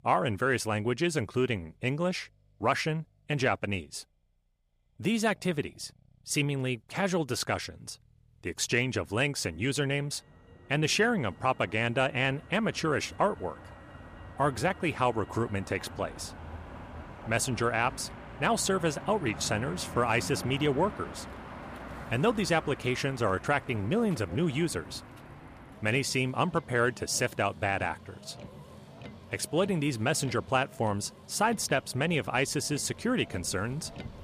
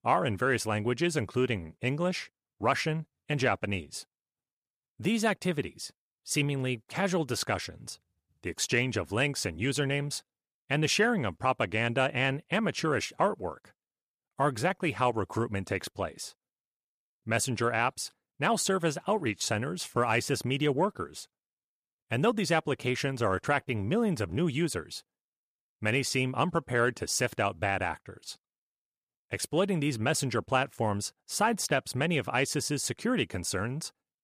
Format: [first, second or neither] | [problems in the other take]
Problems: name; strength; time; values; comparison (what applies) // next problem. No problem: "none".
second | traffic noise; noticeable; throughout; 15 dB below the speech